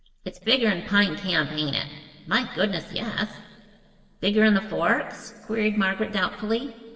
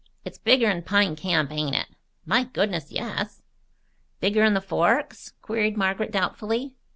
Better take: second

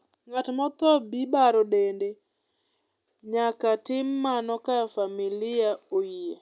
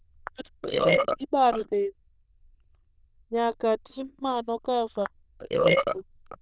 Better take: first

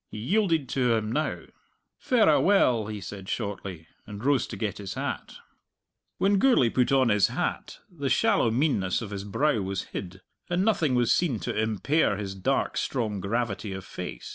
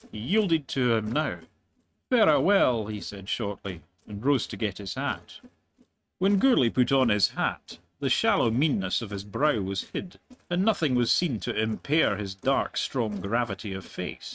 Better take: first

